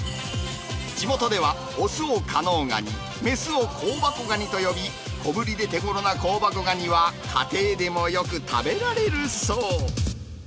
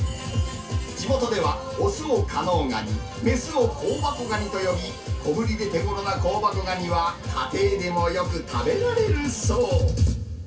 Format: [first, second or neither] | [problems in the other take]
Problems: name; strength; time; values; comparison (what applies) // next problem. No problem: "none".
first | room echo; dies away in 0.2 s